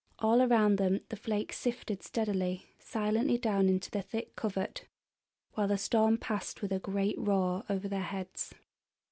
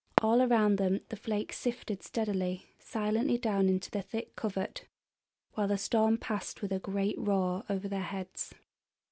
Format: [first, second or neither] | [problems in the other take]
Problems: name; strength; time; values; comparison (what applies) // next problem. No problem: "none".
first | background sound (Fireworks); 7 dB below the speech